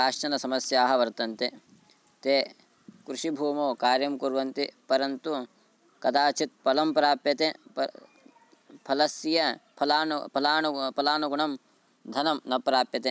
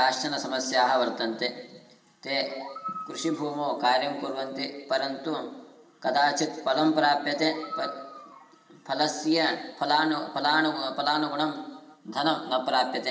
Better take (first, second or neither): first